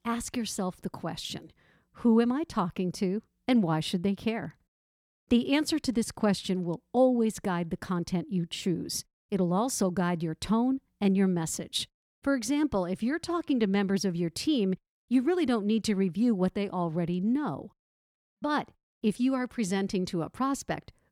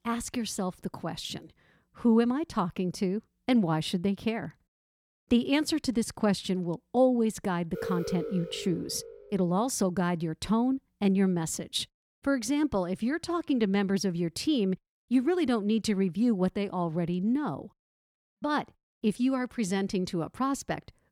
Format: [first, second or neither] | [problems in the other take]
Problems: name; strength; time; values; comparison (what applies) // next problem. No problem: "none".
first | alarm; noticeable; from 7.5 to 9.5 s; peak 6 dB below the speech